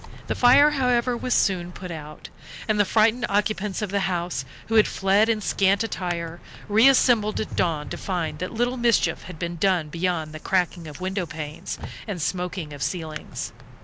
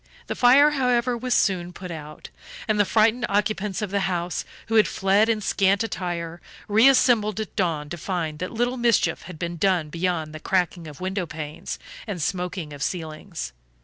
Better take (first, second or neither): second